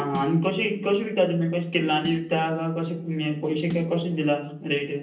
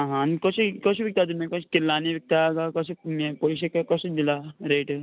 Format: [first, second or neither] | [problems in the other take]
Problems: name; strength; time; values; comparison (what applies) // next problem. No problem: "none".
second | background sound (Snare drum); 15 dB below the speech // room echo; dies away in 0.6 s